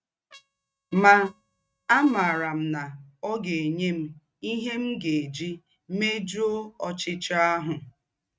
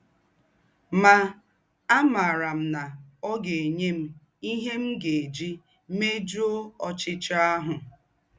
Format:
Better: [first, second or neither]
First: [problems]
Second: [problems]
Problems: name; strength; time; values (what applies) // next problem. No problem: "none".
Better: second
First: noise reduction (neural mask model RNNoise)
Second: none